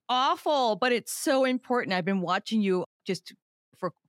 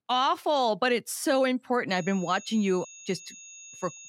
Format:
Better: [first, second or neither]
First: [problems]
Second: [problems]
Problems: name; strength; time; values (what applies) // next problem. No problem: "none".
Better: first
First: none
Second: high-pitched whine; noticeable; from 2 s on; 6.5 kHz, 15 dB below the speech